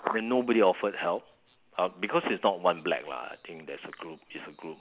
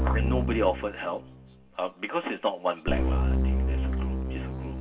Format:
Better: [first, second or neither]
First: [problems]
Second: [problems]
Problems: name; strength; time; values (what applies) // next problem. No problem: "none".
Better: first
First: none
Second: background sound (Keyboard (musical)); 4 dB above the speech // room echo; dies away in 0.1 s